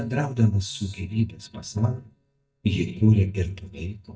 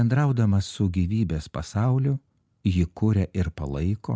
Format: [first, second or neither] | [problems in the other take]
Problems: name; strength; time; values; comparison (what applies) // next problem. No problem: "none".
second | noise reduction (neural mask model DeepFilterNet 3)